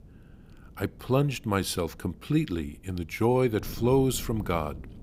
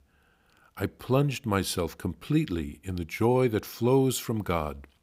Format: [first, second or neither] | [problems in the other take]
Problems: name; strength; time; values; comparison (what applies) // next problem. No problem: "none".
second | wind noise on the microphone; occasional gusts; 25 dB below the speech